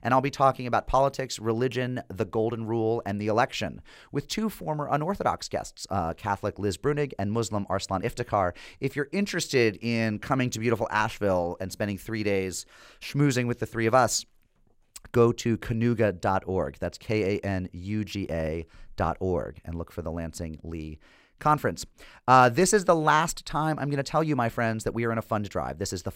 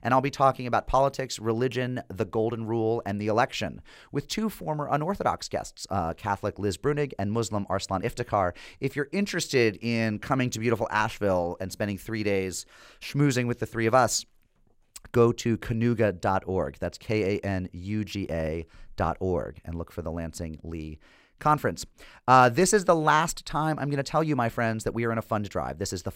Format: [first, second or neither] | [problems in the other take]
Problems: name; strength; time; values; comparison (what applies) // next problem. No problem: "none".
neither | none